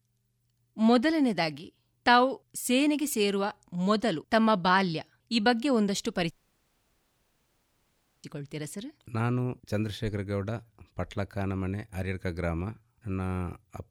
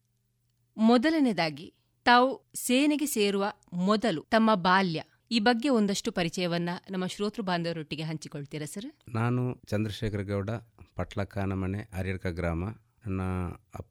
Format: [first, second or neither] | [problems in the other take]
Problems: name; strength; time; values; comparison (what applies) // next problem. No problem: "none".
second | audio cutting out; at 6.5 s for 2 s